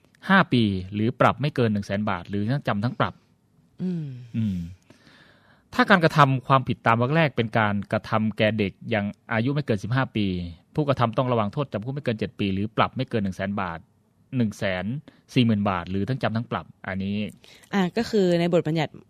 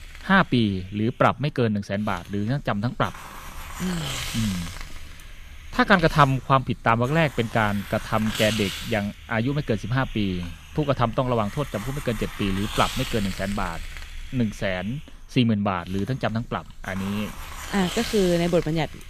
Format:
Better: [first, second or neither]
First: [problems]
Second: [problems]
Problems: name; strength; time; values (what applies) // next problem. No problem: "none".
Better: first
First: none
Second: hiss; noticeable; throughout; 10 dB below the speech